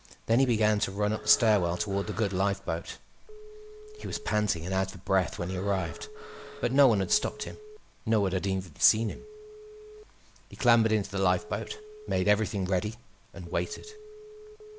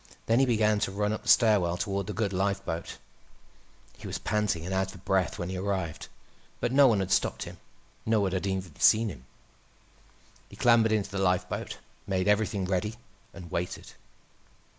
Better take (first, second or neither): second